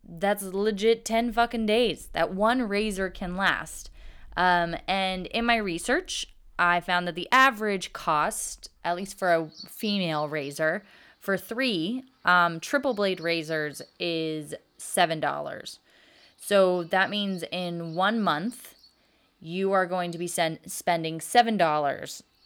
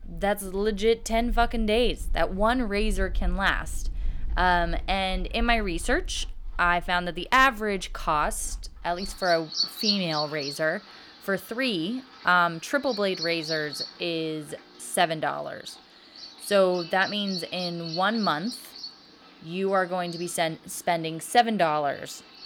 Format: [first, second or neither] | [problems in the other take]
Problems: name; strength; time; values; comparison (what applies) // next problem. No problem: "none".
first | animal sounds; loud; throughout; 9 dB below the speech; faint in the first